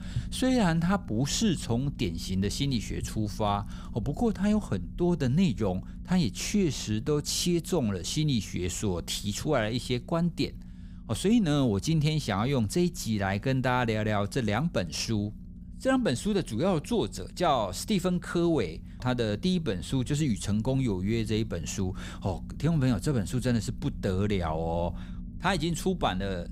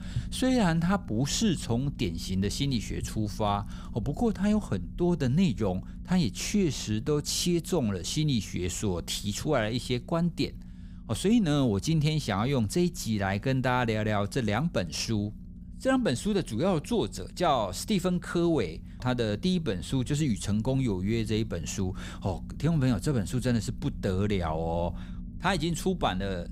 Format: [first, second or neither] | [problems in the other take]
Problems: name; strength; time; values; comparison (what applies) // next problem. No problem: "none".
neither | low rumble; faint; throughout; 20 dB below the speech; the same in both